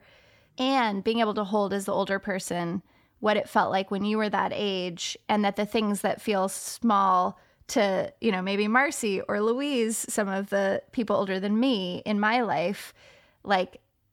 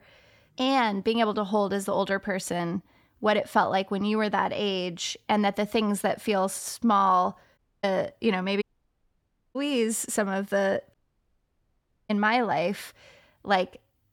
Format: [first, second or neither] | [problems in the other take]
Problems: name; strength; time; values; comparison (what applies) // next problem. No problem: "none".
first | audio cutting out; at 7.5 s, at 8.5 s for 1 s and at 11 s for 1 s